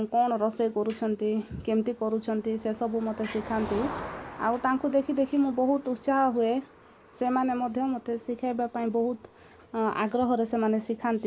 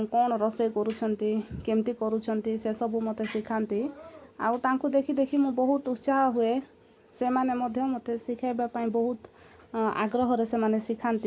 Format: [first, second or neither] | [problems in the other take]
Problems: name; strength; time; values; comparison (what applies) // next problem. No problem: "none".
second | background sound (Motor vehicle (road)); 18 dB below the speech